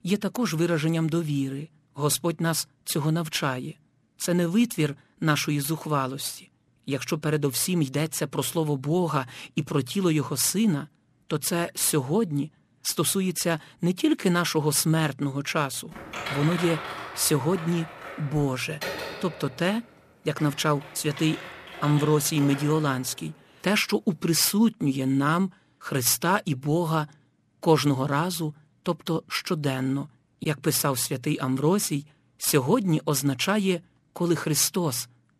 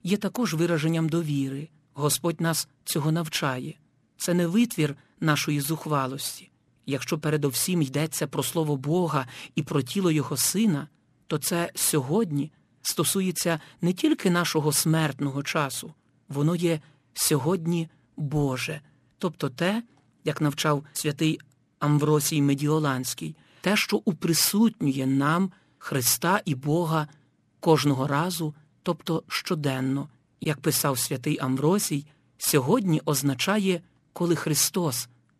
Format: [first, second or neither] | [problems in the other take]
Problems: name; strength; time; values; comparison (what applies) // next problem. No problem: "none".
second | keyboard typing; noticeable; from 16 to 23 s; peak 5 dB below the speech